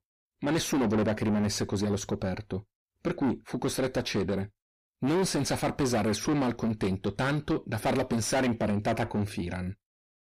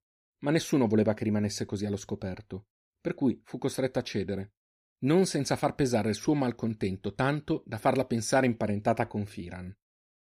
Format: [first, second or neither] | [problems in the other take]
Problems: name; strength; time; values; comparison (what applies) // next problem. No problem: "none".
second | distortion; heavy; 5 dB below the speech